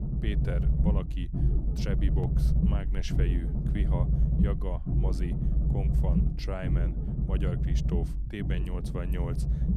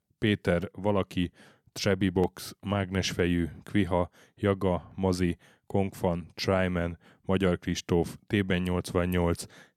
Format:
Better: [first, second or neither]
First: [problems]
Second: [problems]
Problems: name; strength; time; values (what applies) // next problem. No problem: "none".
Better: second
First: low rumble; loud; throughout; as loud as the speech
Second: none